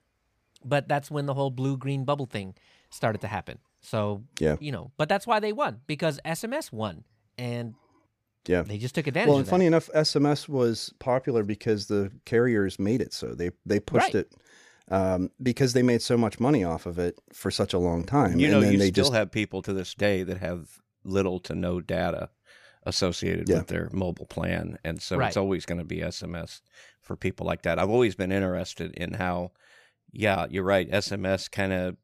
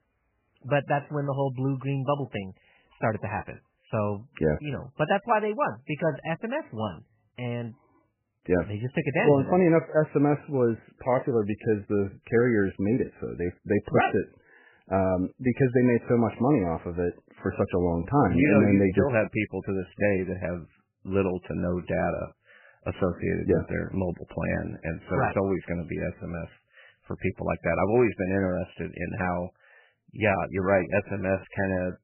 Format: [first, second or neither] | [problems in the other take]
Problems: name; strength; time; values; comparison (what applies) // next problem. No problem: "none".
first | garbled, watery; badly; nothing above 3 kHz